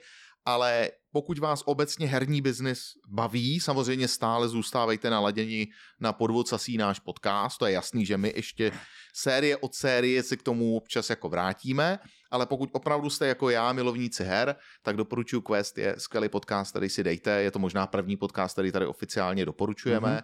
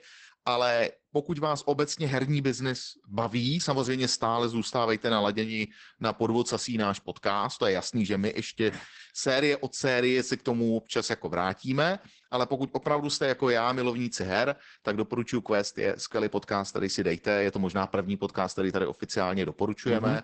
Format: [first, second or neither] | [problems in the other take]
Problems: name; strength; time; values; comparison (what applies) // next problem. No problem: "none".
first | garbled, watery; badly; nothing above 8 kHz